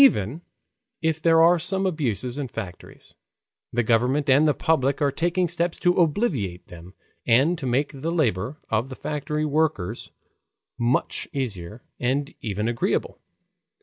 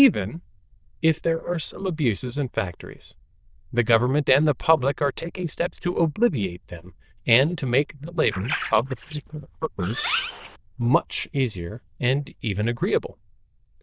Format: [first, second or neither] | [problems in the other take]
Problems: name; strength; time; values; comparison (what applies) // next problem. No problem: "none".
first | noise reduction (neural diffusion model UNIVERSE++)